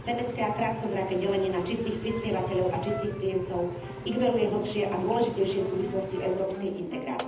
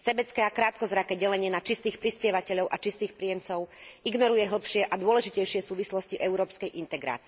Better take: second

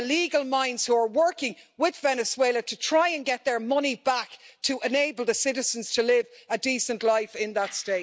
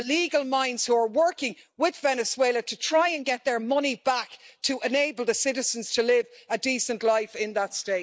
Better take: first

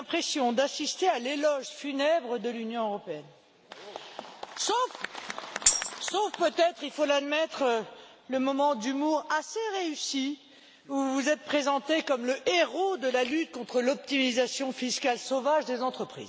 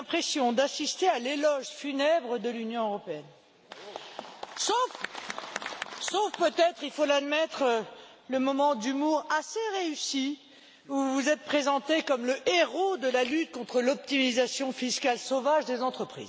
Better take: second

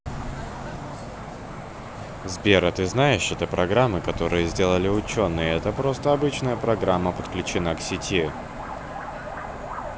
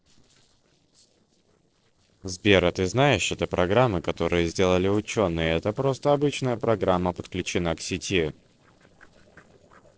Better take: first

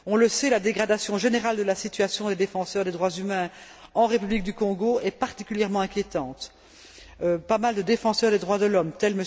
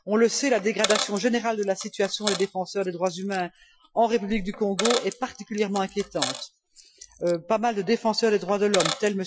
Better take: first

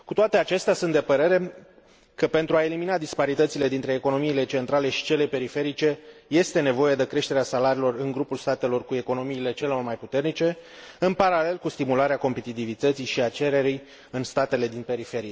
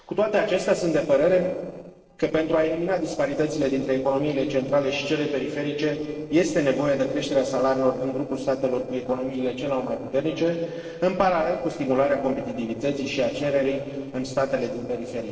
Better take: first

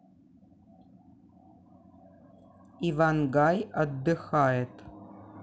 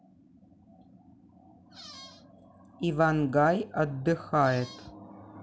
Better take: first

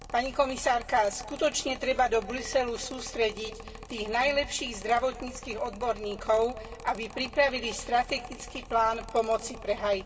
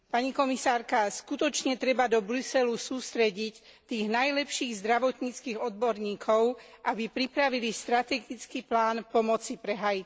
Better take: second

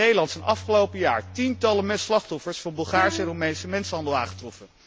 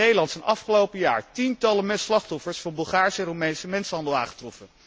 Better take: second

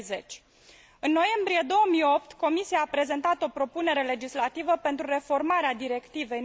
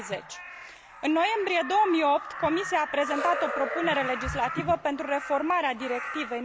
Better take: first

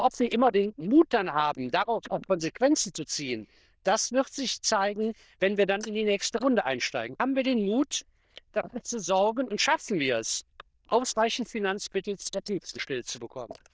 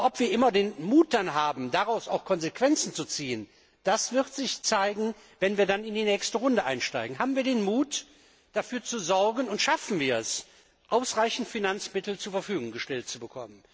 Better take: second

